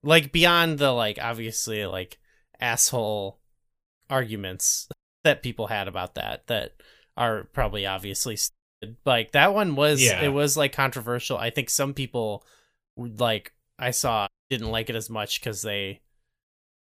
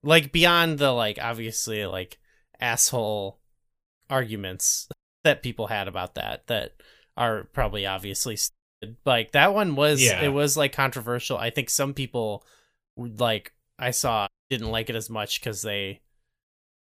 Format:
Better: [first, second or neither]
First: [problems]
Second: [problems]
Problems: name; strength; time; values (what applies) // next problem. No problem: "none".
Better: neither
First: audio cutting out; at 5 s, at 8.5 s and at 14 s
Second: audio cutting out; at 5 s, at 8.5 s and at 14 s